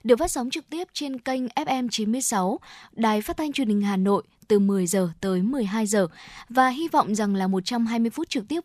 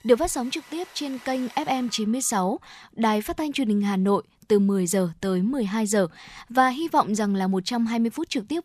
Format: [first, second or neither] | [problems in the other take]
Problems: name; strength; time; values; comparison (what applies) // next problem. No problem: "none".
first | alarms or sirens; faint; until 2 s; 20 dB below the speech